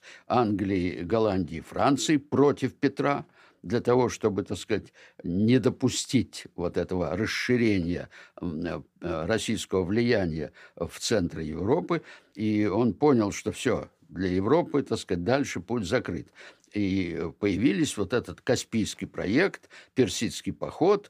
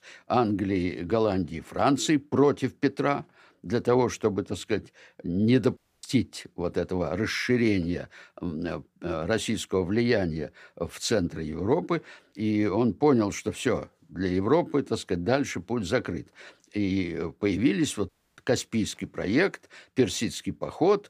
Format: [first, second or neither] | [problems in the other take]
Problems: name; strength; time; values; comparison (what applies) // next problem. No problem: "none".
first | audio cutting out; at 6 s and at 18 s